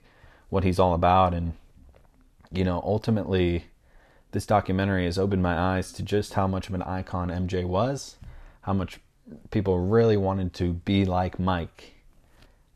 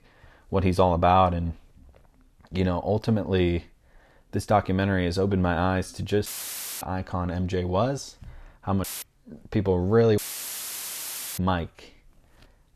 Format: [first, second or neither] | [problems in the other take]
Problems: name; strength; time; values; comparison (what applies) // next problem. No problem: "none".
first | audio cutting out; filled with static; at 6.5 s for 0.5 s, at 9 s and at 10 s for 1 s